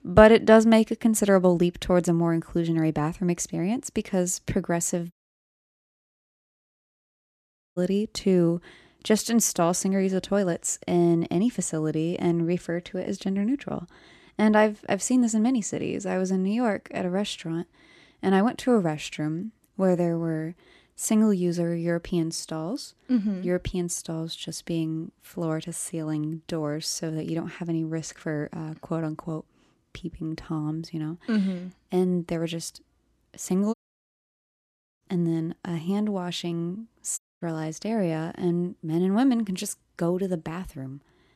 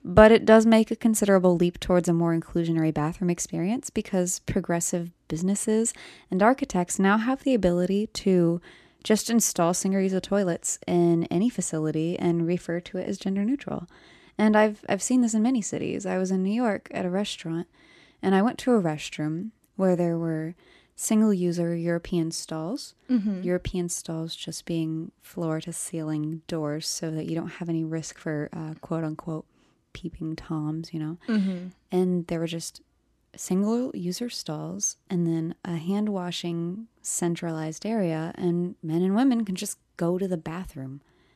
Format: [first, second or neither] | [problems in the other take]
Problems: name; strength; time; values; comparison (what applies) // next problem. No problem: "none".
second | audio cutting out; at 5 s for 2.5 s, at 34 s for 1.5 s and at 37 s